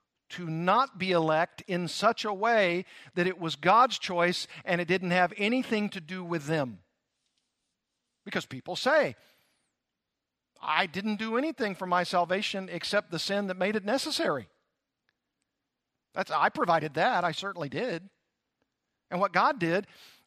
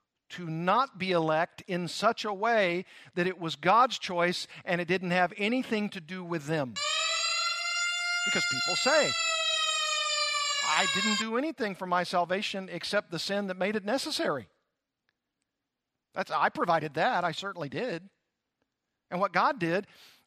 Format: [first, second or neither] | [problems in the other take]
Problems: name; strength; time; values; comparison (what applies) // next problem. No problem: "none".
first | siren; loud; from 7 to 11 s; peak 4 dB above the speech